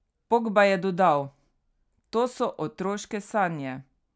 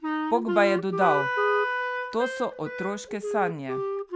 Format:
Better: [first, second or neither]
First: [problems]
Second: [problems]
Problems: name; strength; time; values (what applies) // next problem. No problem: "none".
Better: first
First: none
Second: background sound (Wind instrument, woodwind instrument + Wind instrument, woodwind instrument); as loud as the speech